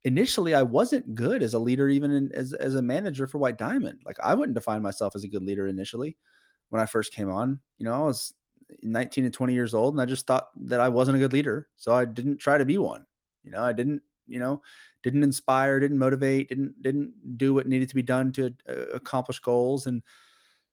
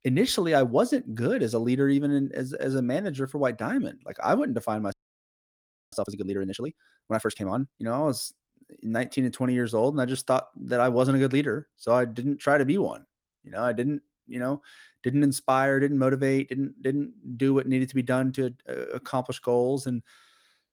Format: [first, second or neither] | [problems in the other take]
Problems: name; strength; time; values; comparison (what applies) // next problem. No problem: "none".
first | audio freezing; at 5 s for 1 s